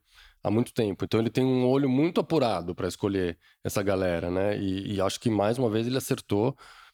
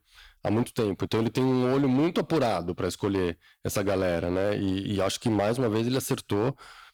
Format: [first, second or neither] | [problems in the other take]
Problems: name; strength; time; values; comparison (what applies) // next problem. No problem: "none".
first | distortion; slight; 11% of the sound clipped